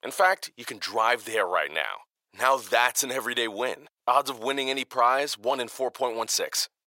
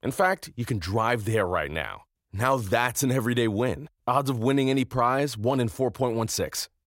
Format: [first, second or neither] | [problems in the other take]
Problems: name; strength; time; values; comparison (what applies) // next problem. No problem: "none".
second | thin; very; fading below 650 Hz